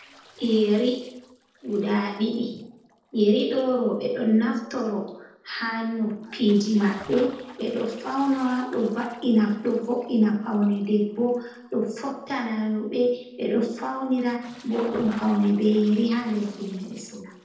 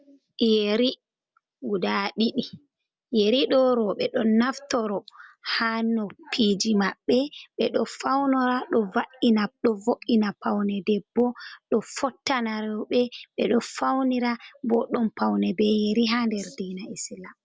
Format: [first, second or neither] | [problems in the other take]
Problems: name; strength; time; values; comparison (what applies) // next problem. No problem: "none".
second | noise reduction (neural separator model SepFormer DNS4)